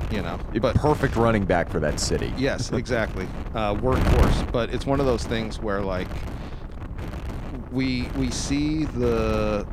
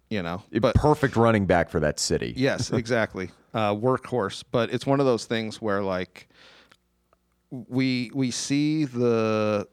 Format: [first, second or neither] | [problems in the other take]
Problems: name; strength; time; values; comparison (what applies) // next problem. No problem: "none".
second | wind noise on the microphone; heavy; 10 dB below the speech